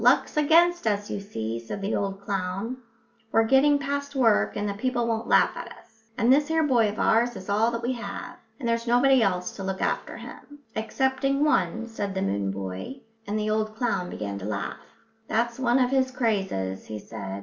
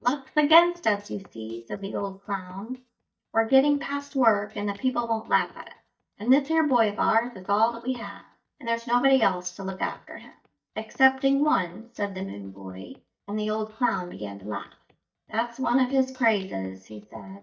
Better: first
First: none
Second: noise reduction (neural mask model DeepFilterNet 3)

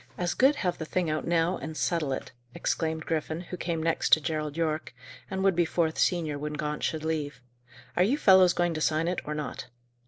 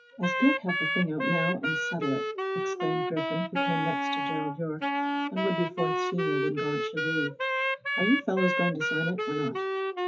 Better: first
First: none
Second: noise reduction (classical method WPE with log-MMSE)

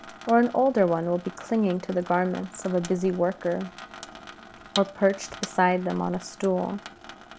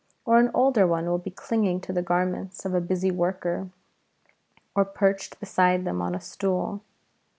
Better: second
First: background sound (Sink (filling or washing) / Water tap, faucet); 16 dB below the speech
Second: none

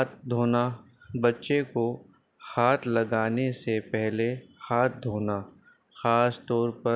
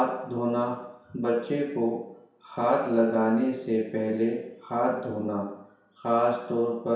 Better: first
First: none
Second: room echo; dies away in 0.7 s

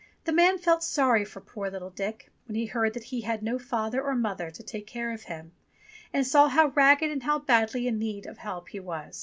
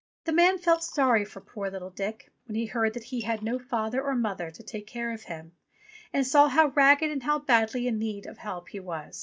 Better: first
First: none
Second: noise reduction (neural mask model DeepFilterNet 3)

